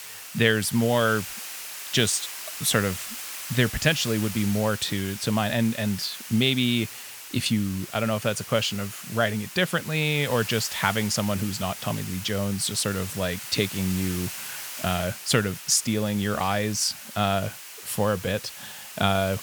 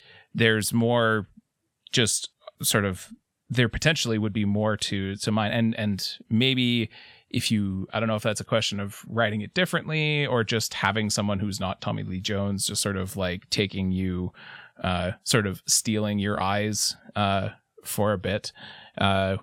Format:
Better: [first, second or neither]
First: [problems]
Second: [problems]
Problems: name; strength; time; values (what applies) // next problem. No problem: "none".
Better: second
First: hiss; noticeable; throughout; 10 dB below the speech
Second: none